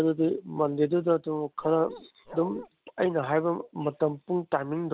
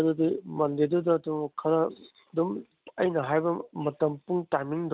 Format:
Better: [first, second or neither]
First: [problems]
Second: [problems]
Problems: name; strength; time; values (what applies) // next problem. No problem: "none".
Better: second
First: background sound (Bark); 15 dB below the speech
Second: none